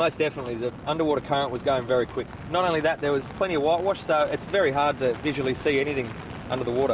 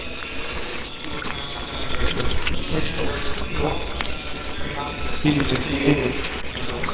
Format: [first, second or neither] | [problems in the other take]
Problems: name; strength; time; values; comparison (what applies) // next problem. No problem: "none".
first | noise reduction (neural separator model SepFormer WHAMR!)